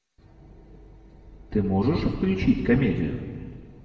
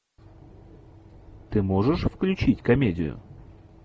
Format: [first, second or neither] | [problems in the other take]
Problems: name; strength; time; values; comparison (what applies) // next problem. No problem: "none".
second | room echo; dies away in 1.7 s